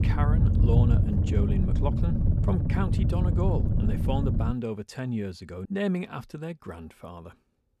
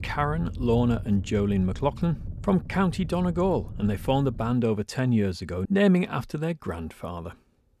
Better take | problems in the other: second | low rumble; loud; until 4.5 s; 2 dB below the speech; faint in the second

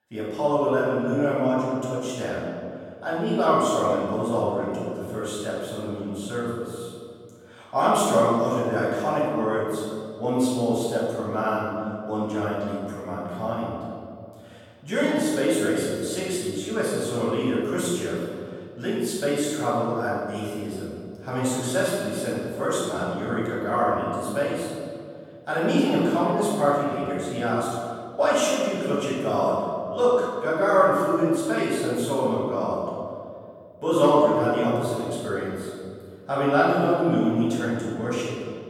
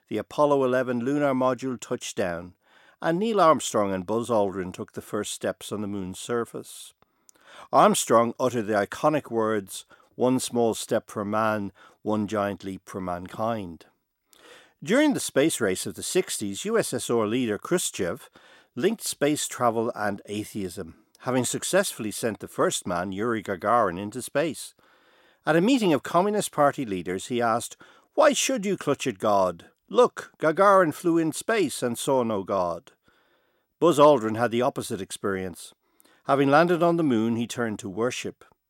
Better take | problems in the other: second | room echo; strong; dies away in 2 s // off-mic speech; far

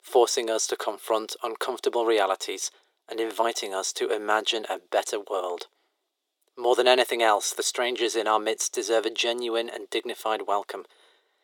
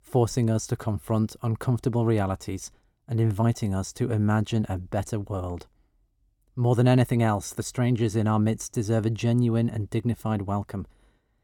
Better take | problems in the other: second | thin; very; fading below 400 Hz

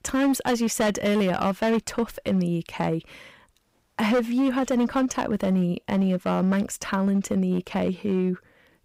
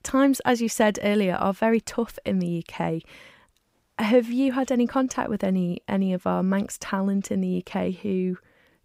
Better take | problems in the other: second | distortion; slight; 10% of the sound clipped

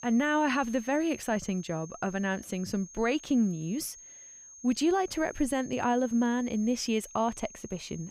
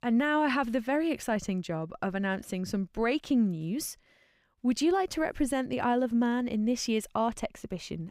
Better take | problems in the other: second | high-pitched whine; noticeable; throughout; 6.5 kHz, 15 dB below the speech

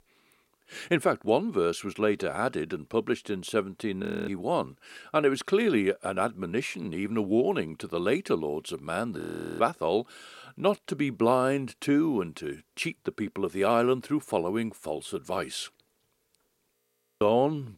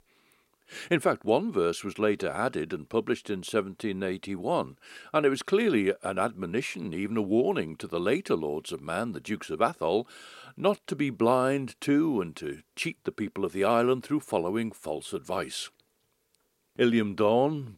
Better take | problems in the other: second | audio freezing; at 4 s, at 9 s and at 17 s

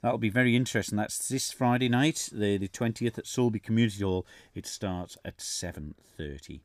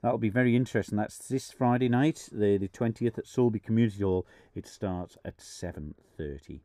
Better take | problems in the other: first | muffled; slightly; fading above 2 kHz

